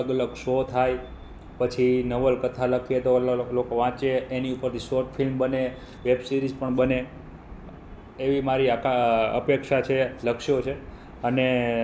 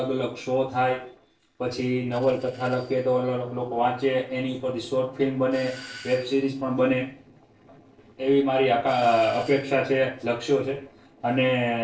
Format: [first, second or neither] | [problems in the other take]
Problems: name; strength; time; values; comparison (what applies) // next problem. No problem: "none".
first | noise reduction (neural separator model SepFormer DNS4)